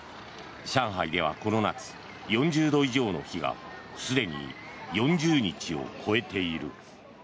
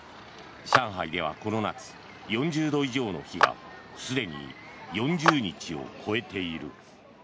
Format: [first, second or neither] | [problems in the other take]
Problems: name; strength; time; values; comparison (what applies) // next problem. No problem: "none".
first | background sound (Clapping); as loud as the speech